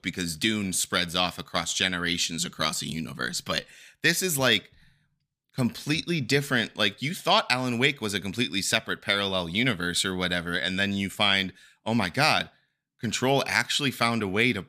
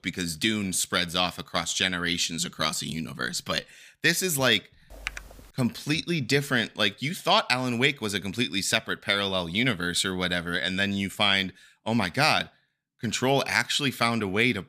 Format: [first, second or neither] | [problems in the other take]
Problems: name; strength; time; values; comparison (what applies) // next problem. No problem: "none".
first | keyboard typing; faint; at 5 s; peak 10 dB below the speech